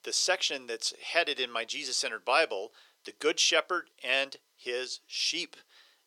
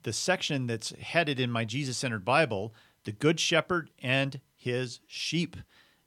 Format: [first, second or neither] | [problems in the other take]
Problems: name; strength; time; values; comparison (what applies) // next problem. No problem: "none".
second | thin; very; fading below 400 Hz